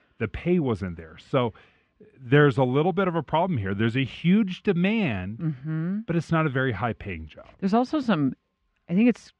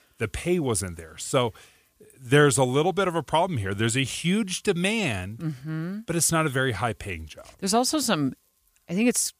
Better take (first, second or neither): second